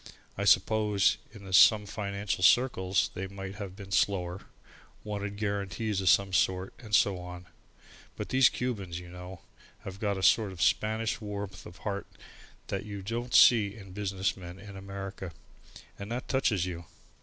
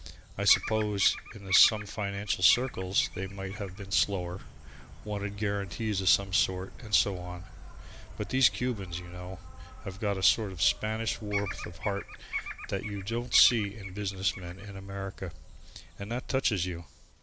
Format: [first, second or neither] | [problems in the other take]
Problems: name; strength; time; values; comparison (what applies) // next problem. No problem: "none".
first | background sound (Bird vocalization, bird call, bird song + Insect); 11 dB below the speech